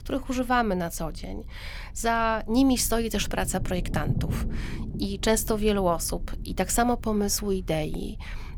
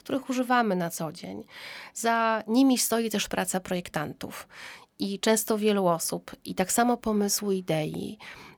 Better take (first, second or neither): second